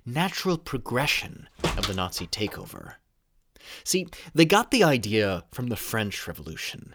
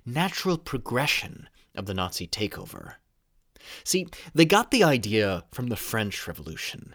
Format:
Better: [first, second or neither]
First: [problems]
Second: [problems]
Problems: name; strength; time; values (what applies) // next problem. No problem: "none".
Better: second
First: door banging; noticeable; from 1 to 2.5 s; peak 2 dB below the speech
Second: none